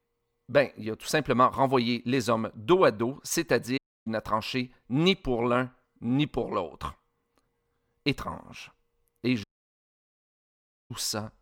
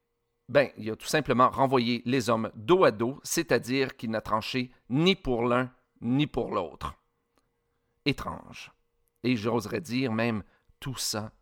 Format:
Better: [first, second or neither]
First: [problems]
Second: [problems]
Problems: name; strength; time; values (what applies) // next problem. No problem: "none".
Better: second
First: audio cutting out; at 4 s and at 9.5 s for 1.5 s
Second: none